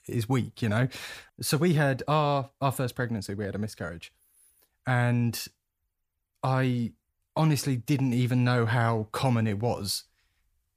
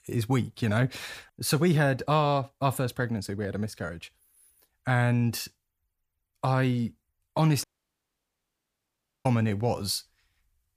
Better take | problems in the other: first | audio cutting out; at 7.5 s for 1.5 s

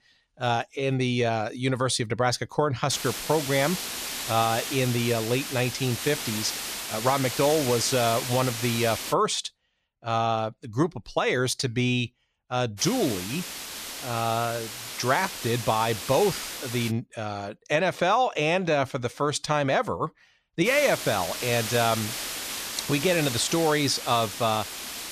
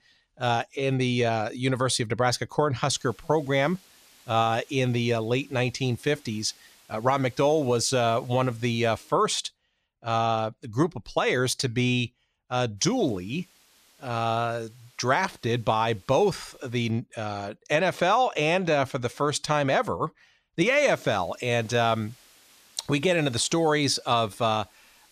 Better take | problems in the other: second | hiss; loud; from 3 to 9 s, from 13 to 17 s and from 21 s on; 6 dB below the speech; faint in the second

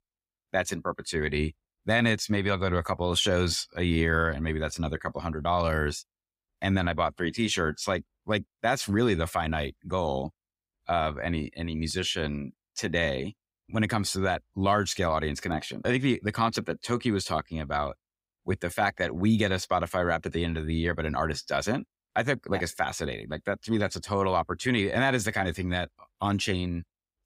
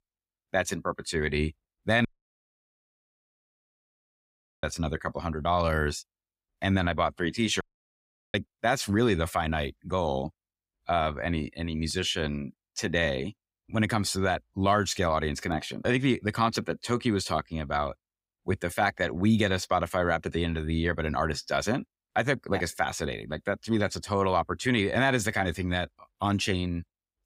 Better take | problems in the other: first | audio cutting out; at 2 s for 2.5 s and at 7.5 s for 0.5 s

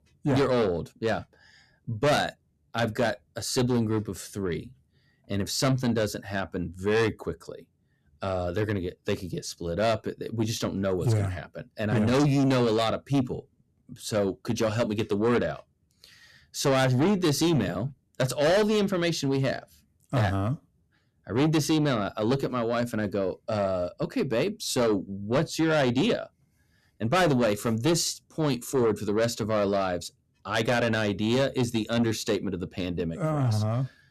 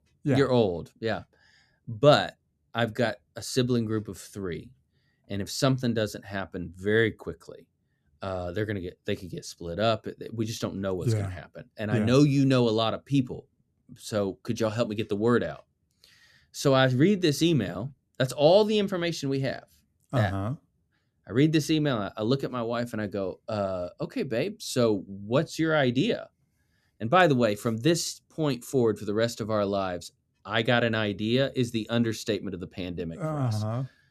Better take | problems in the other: second | distortion; heavy; 7 dB below the speech

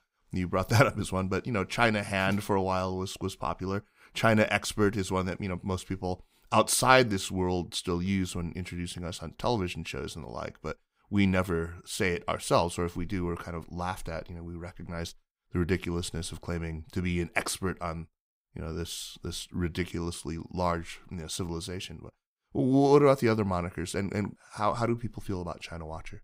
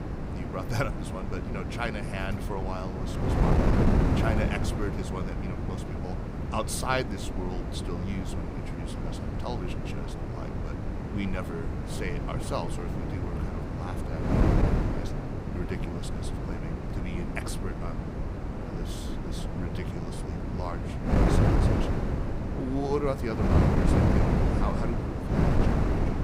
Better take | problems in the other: first | wind noise on the microphone; heavy; 2 dB above the speech

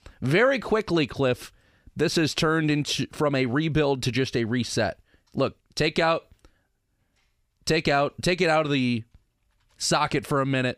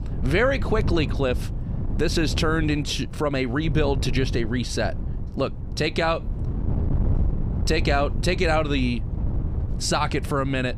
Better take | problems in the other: first | wind noise on the microphone; occasional gusts; 15 dB below the speech

